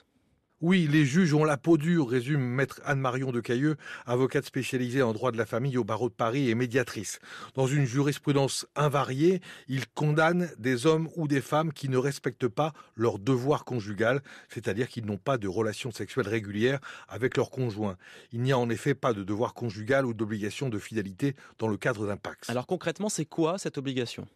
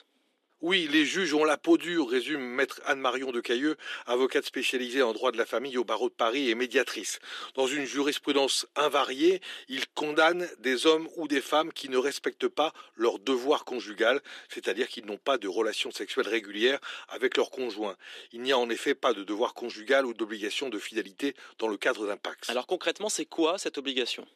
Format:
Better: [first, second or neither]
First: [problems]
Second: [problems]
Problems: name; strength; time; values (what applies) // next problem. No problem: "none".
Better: first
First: none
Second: thin; somewhat; fading below 300 Hz